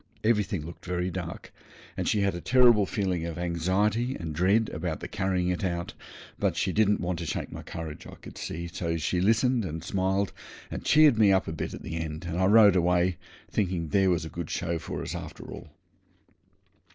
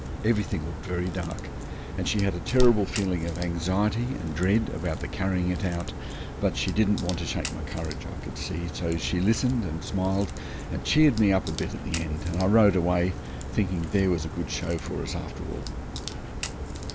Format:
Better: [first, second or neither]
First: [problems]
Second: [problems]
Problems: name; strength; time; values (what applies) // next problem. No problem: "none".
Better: first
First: none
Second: background sound (Crack); 7 dB below the speech